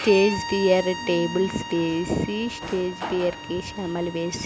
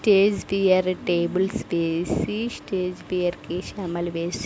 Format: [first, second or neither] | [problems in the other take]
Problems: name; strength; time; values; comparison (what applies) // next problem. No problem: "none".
second | background sound (Bowed string instrument + Drawer open or close); 10 dB below the speech